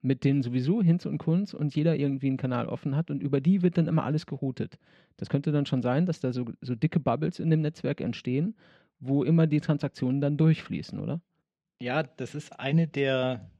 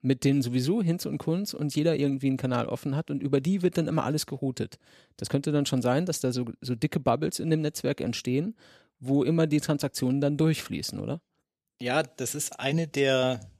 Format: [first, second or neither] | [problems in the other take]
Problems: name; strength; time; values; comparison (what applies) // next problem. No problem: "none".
second | muffled; slightly; fading above 2.5 kHz